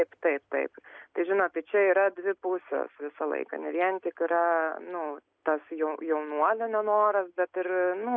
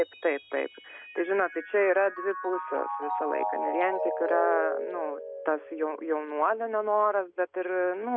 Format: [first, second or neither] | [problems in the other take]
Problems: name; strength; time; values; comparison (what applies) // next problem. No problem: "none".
first | background sound (Mallet percussion); 6 dB below the speech